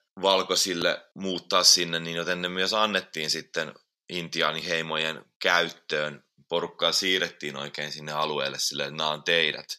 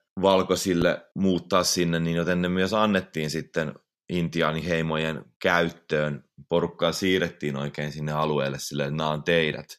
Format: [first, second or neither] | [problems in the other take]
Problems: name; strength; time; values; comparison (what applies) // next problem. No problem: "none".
second | thin; somewhat; fading below 700 Hz